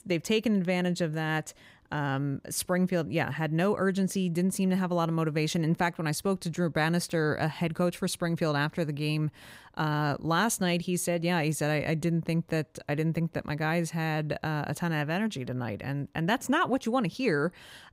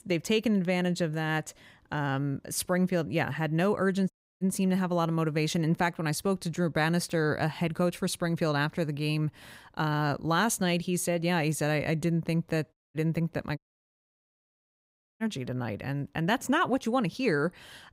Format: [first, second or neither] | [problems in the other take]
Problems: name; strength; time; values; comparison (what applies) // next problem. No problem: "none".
first | audio cutting out; at 4 s, at 13 s and at 14 s for 1.5 s